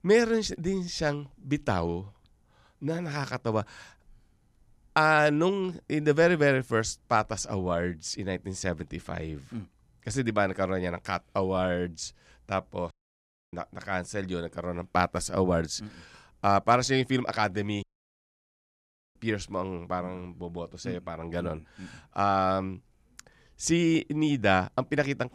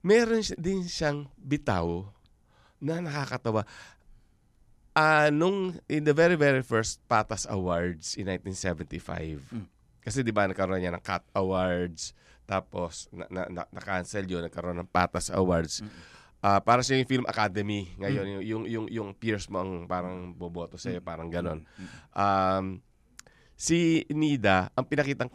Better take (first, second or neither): second